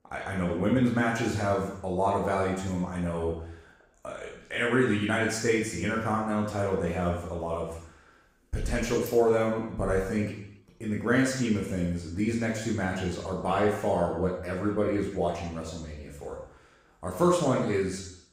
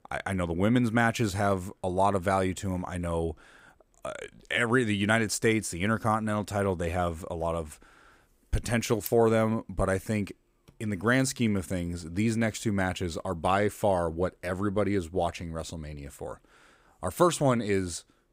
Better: second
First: room echo; noticeable; dies away in 0.7 s // off-mic speech; far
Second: none

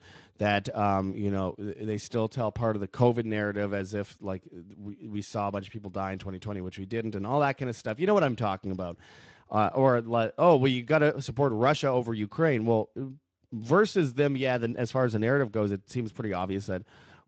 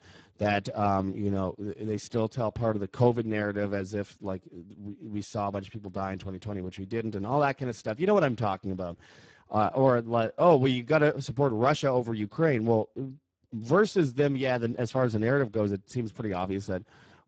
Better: first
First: garbled, watery; slightly; nothing above 7.5 kHz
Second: garbled, watery; badly; nothing above 7.5 kHz

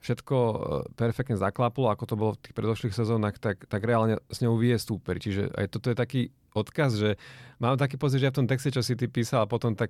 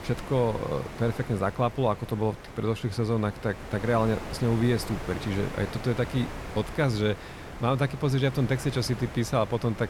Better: first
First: none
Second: wind noise on the microphone; occasional gusts; 10 dB below the speech

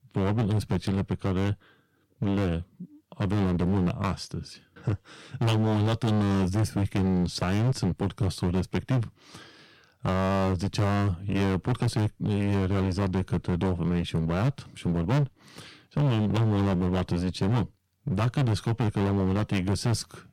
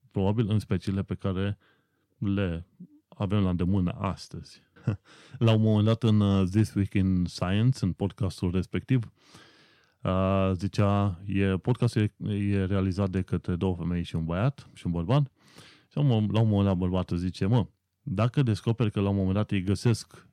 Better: second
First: distortion; heavy; 19% of the sound clipped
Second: none

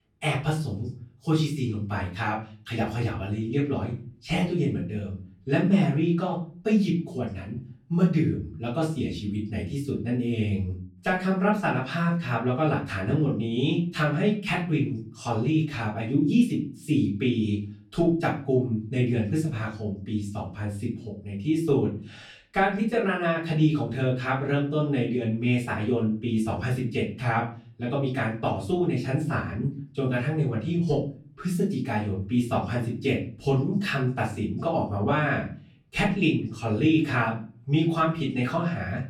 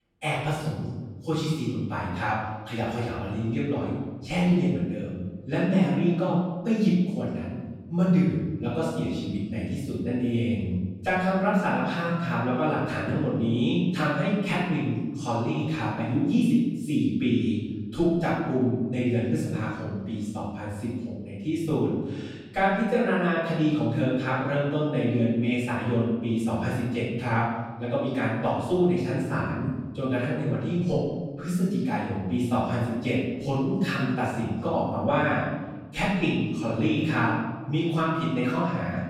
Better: first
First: room echo; slight; dies away in 0.4 s // off-mic speech; far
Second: room echo; strong; dies away in 1.2 s // off-mic speech; far

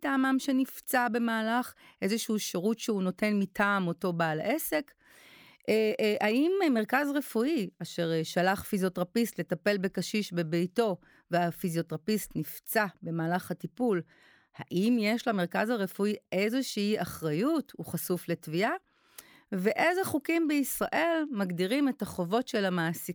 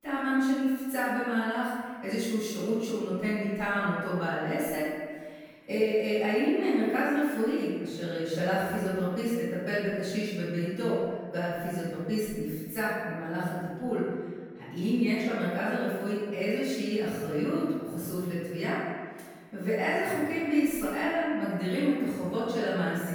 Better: first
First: none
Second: off-mic speech; far // room echo; strong; dies away in 1.5 s

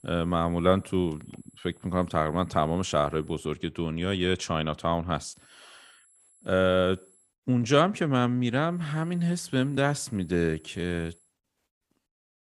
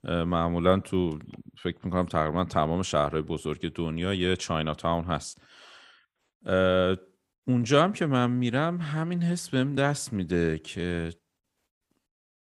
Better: second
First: high-pitched whine; faint; until 3.5 s, from 5 to 7.5 s and from 8.5 to 11 s; 11 kHz, 30 dB below the speech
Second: none

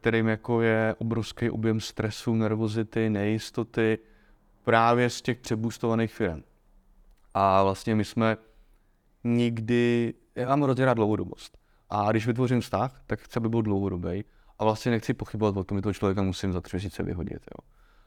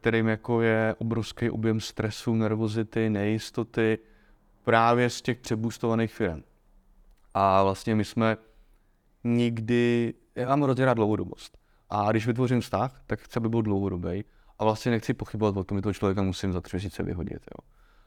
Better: neither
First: none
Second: none

